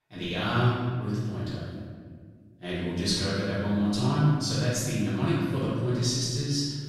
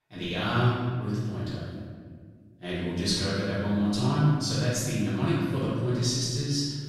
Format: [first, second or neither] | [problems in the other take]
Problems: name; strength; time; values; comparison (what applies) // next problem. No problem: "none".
neither | room echo; strong; dies away in 1.9 s; the same in both // off-mic speech; far; the same in both